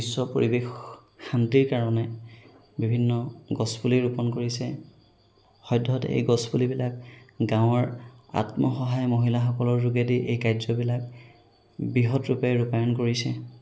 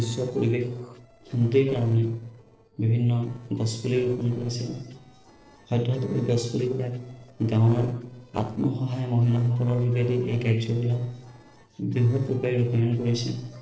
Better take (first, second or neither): first